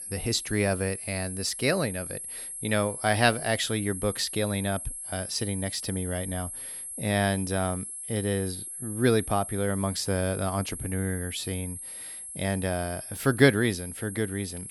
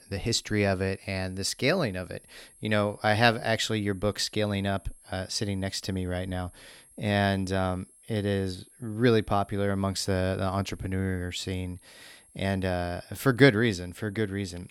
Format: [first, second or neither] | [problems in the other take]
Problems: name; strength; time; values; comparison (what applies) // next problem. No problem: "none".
second | high-pitched whine; loud; throughout; 11 kHz, 7 dB below the speech; faint in the second